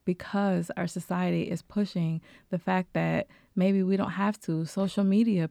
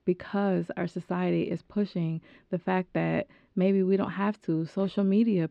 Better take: first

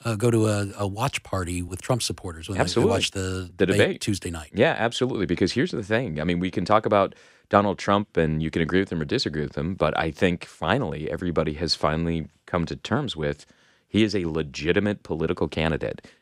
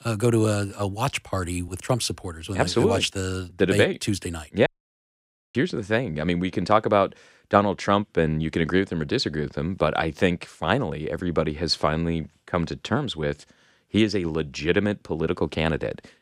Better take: first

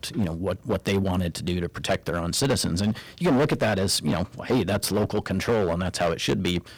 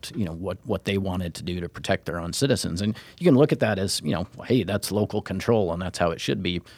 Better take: second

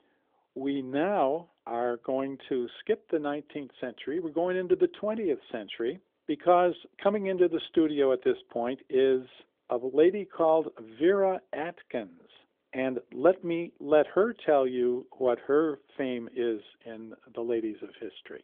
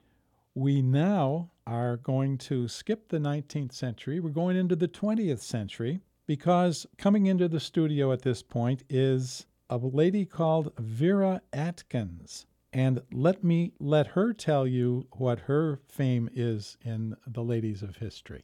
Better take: second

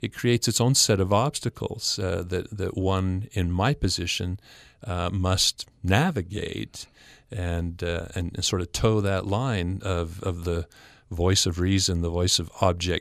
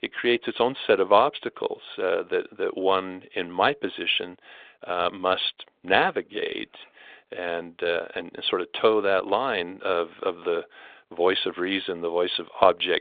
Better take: first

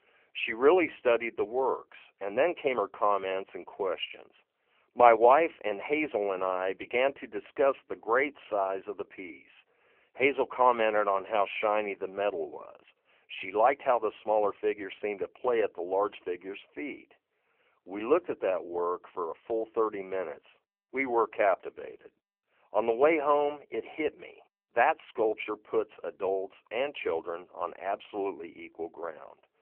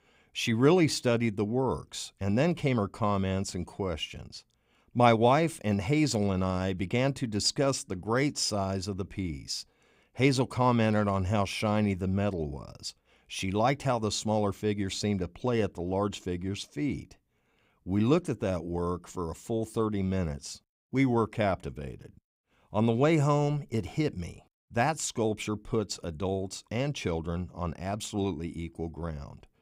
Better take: second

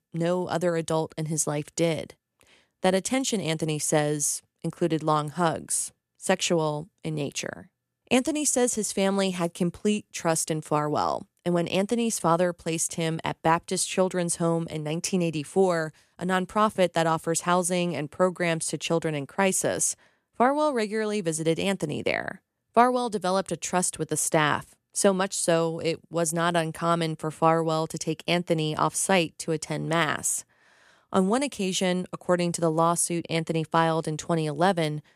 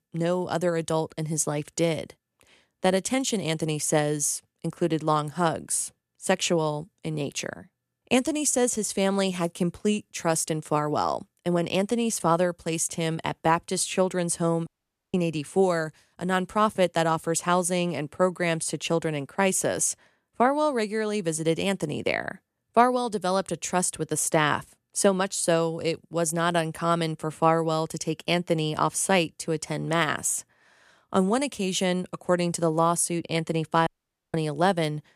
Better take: first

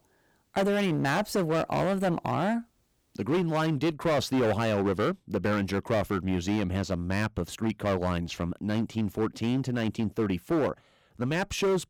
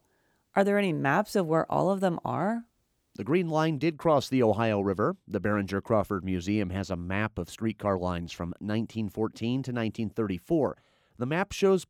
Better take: second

